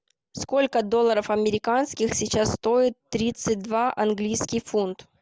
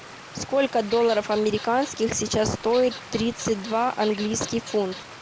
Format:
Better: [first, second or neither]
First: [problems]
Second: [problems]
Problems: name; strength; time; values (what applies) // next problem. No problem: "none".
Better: first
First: none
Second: background sound (Bird vocalization, bird call, bird song / Fowl + Stream); 15 dB below the speech